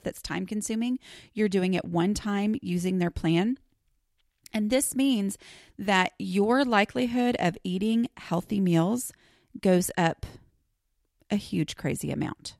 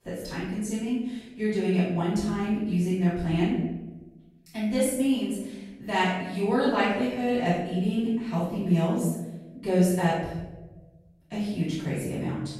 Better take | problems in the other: first | off-mic speech; far // room echo; strong; dies away in 1 s

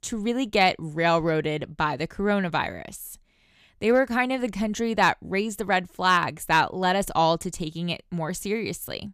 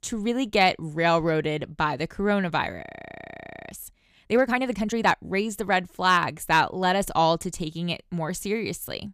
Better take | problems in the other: first | audio freezing; at 3 s for 1 s

